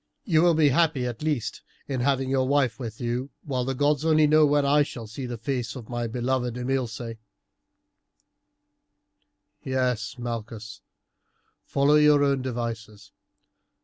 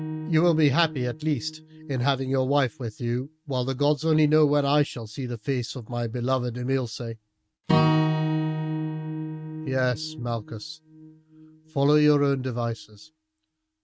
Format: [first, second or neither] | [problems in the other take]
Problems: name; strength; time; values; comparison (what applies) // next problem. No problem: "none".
first | noise reduction (neural mask model RNNoise)